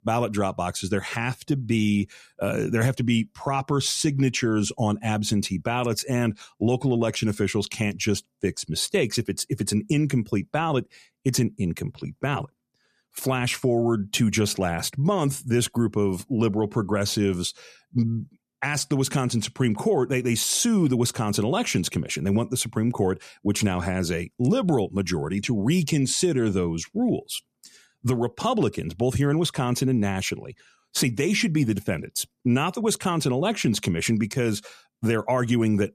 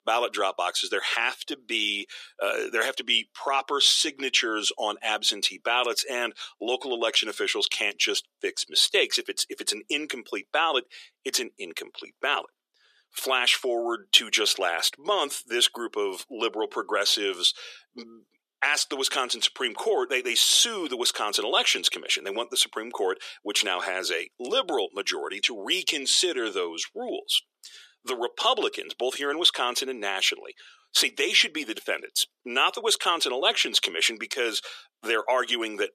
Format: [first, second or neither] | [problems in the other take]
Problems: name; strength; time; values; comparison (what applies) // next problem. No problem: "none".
first | thin; very; fading below 400 Hz